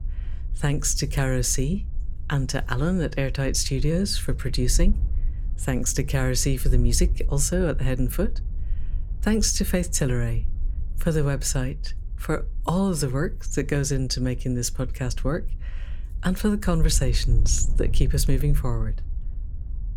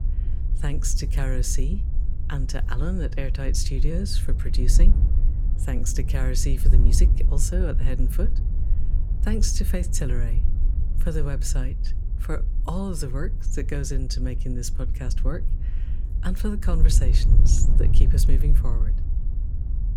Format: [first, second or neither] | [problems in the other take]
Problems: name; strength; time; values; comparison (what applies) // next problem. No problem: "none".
first | wind noise on the microphone; heavy; 10 dB below the speech; occasional gusts in the first